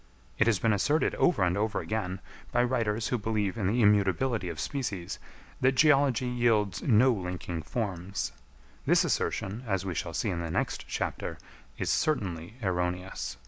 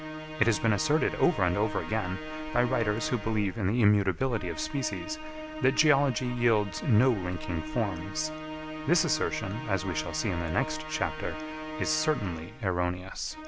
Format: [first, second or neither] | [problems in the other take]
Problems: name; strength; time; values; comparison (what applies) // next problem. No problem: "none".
first | background sound (Musical instrument); 10 dB below the speech